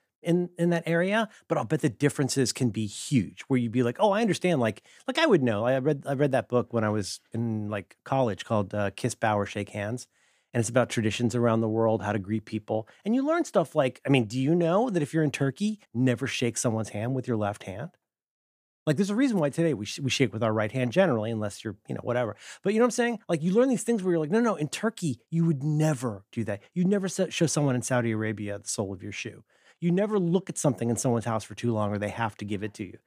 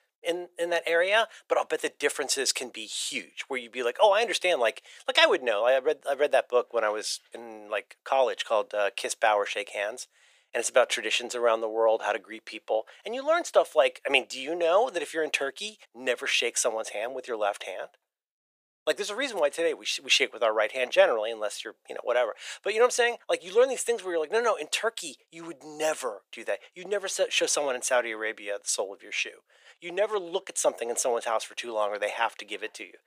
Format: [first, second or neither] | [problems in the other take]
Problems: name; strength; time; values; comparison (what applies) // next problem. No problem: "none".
first | thin; very; fading below 500 Hz